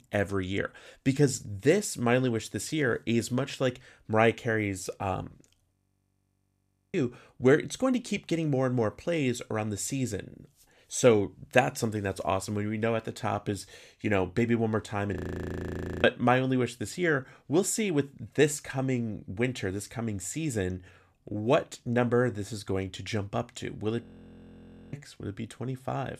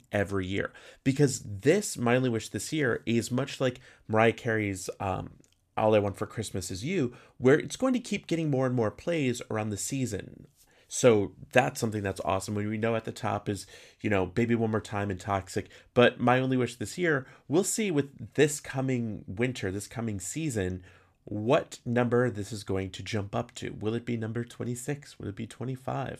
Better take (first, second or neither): second